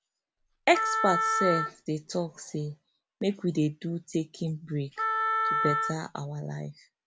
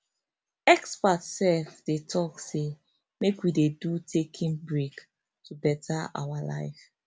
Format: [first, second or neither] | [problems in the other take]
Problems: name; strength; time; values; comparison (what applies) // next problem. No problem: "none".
second | background sound (Wind instrument, woodwind instrument); 1 dB above the speech